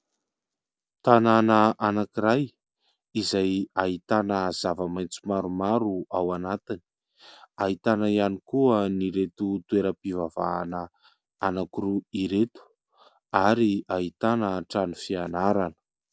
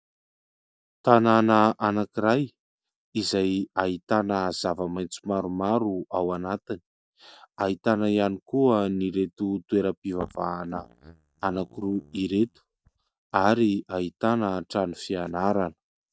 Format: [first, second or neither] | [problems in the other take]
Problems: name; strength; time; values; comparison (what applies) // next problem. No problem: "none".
first | noise reduction (neural mask model DeepFilterNet 3)